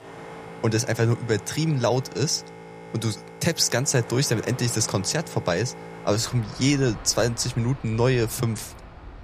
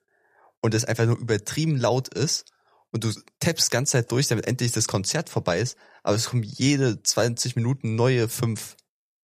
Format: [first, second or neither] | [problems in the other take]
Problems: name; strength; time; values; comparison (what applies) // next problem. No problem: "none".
second | train or aircraft noise; noticeable; throughout; 15 dB below the speech